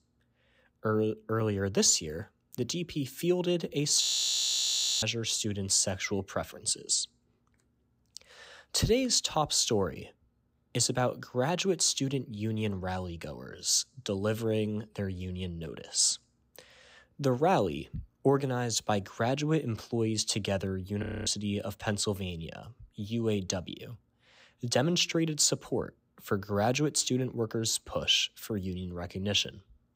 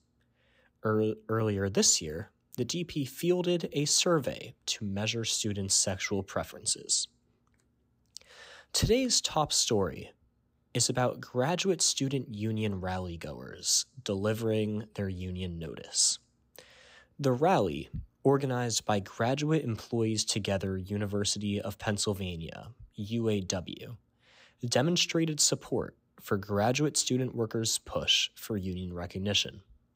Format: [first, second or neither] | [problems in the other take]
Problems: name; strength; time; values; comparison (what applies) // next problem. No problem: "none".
second | audio freezing; at 4 s for 1 s and at 21 s